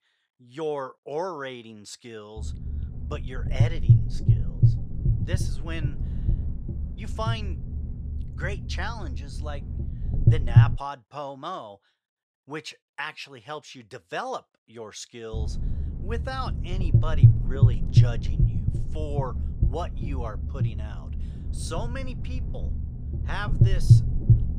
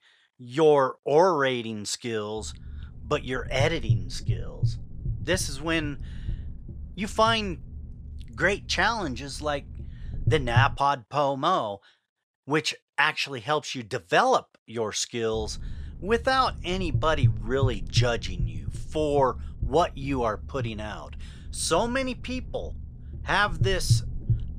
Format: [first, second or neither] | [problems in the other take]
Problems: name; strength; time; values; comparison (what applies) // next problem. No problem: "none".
second | low rumble; loud; from 2.5 to 11 s and from 15 s on; 2 dB below the speech; faint in the second